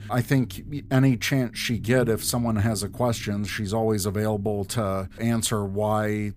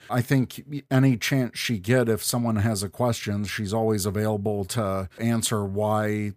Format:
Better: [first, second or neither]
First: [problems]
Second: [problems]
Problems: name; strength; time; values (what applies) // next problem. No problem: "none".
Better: second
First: low rumble; faint; throughout; 25 dB below the speech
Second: none